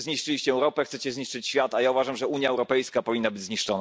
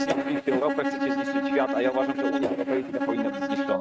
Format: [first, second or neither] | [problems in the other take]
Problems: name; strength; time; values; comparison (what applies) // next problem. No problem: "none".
first | noise reduction (neural mask model RNNoise)